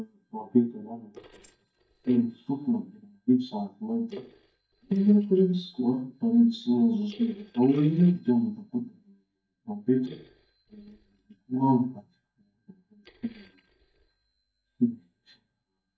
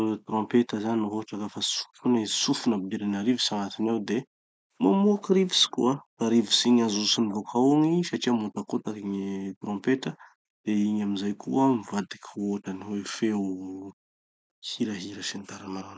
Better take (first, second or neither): second